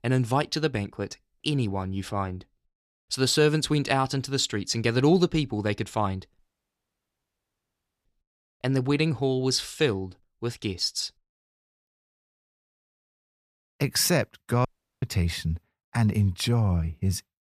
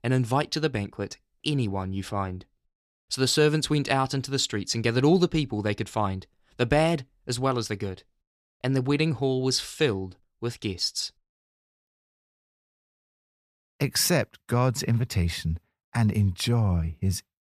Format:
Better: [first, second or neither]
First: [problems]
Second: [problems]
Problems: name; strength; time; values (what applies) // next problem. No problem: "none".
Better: second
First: audio cutting out; at 6.5 s for 1.5 s and at 15 s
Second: none